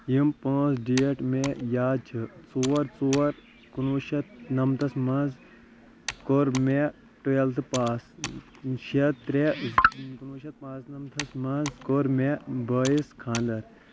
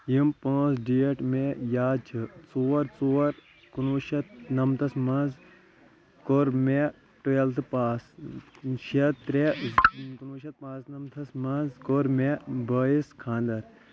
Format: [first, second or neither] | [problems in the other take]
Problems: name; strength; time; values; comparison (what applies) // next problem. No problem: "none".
second | background sound (Computer keyboard); 17 dB below the speech